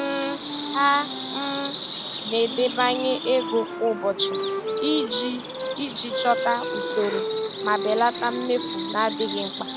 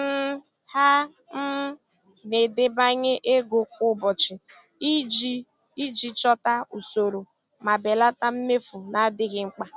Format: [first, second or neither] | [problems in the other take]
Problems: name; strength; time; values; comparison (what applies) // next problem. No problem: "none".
second | background sound (Bird vocalization, bird call, bird song + Wind instrument, woodwind instrument); 4 dB below the speech